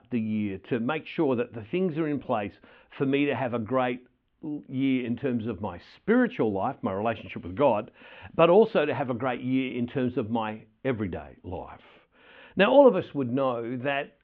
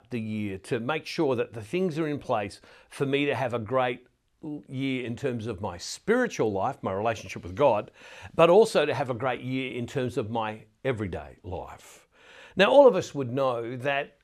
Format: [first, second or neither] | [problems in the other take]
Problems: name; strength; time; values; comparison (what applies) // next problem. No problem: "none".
second | muffled; very; fading above 3 kHz